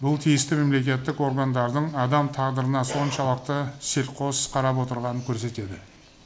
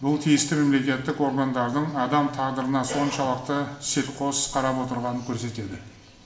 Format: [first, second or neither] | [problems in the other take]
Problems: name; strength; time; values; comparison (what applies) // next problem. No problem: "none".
first | room echo; dies away in 0.9 s